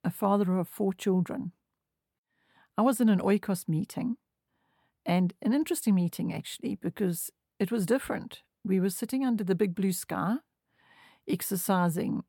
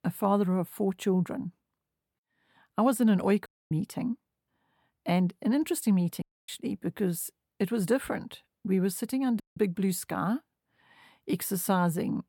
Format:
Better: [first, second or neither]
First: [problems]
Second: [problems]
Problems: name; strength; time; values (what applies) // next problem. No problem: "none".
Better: first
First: none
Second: audio cutting out; at 3.5 s, at 6 s and at 9.5 s